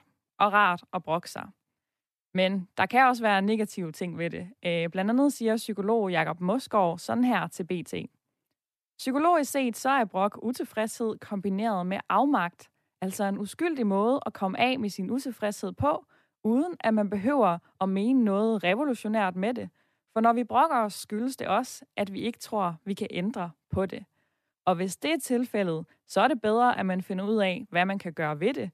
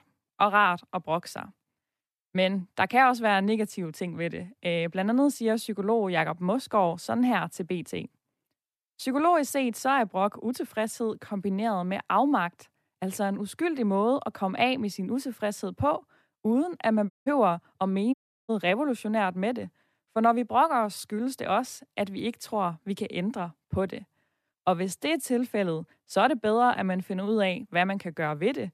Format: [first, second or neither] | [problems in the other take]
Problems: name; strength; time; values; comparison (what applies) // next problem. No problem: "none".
first | audio cutting out; at 17 s and at 18 s